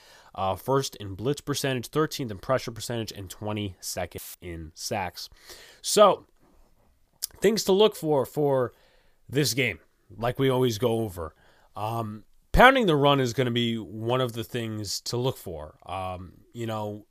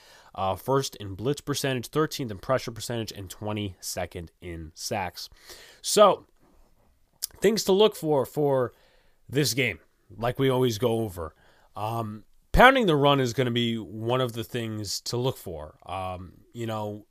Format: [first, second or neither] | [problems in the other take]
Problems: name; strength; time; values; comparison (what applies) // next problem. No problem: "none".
second | audio cutting out; filled with static; at 4 s